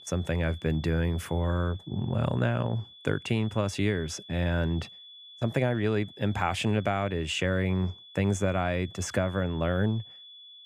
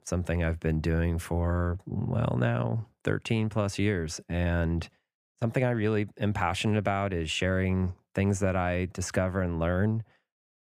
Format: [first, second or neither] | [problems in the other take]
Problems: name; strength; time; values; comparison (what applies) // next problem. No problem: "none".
second | high-pitched whine; noticeable; throughout; 3.5 kHz, 20 dB below the speech